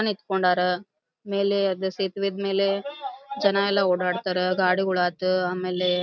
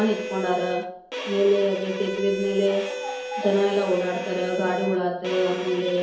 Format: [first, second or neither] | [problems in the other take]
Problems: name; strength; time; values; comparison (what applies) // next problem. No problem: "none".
first | background sound (Bowed string instrument); 8 dB below the speech // room echo; dies away in 2.2 s